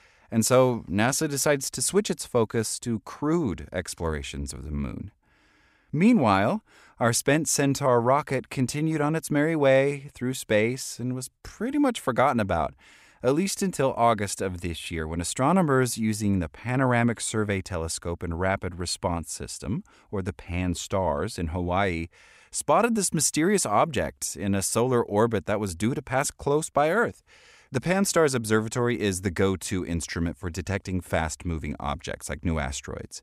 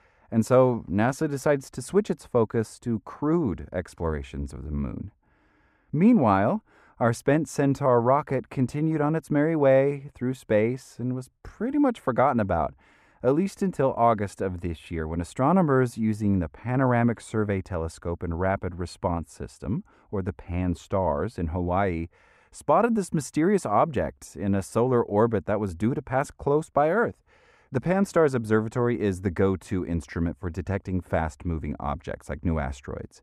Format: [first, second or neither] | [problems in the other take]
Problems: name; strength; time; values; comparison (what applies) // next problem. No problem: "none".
first | muffled; slightly; fading above 2 kHz